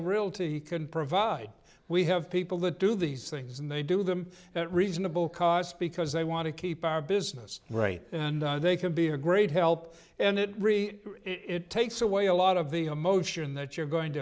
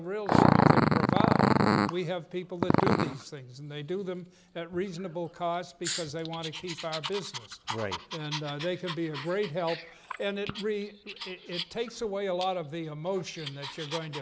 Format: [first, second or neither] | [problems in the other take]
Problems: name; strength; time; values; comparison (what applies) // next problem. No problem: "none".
first | background sound (Growling); 4 dB above the speech